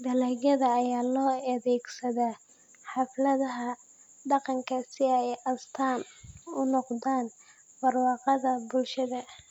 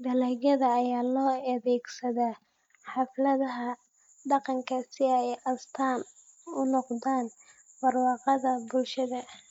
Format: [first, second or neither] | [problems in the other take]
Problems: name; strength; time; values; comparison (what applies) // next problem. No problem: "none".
first | noise reduction (neural mask model Resemble Enhance denoiser)